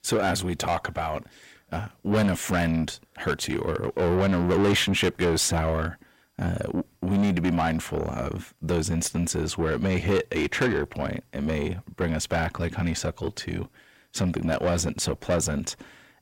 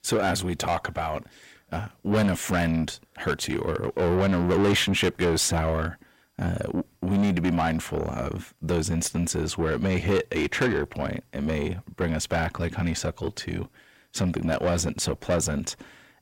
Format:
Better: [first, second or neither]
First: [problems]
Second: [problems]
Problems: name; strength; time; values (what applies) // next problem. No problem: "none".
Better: neither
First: distortion; heavy; 7 dB below the speech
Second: distortion; heavy; 7 dB below the speech